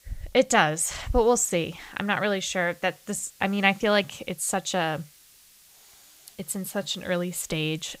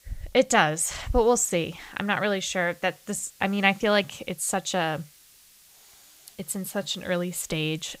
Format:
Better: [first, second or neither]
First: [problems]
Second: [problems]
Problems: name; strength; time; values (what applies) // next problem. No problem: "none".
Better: neither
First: hiss; faint; throughout; 25 dB below the speech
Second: hiss; faint; throughout; 25 dB below the speech